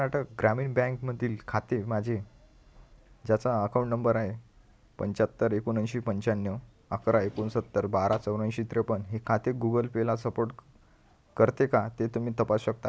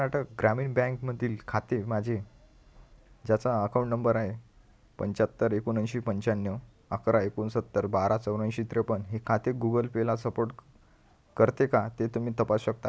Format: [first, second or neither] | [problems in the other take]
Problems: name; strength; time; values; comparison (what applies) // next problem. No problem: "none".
second | background sound (Drawer open or close); 20 dB below the speech